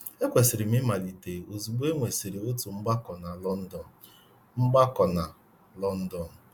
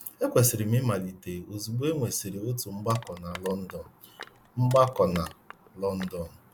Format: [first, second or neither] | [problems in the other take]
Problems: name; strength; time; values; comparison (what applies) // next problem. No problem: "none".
first | background sound (Crushing); 18 dB below the speech